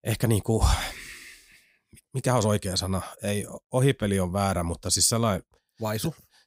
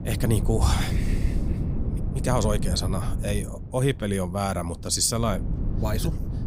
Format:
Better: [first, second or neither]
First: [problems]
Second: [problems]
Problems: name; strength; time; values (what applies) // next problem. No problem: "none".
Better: first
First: none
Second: wind noise on the microphone; occasional gusts; 10 dB below the speech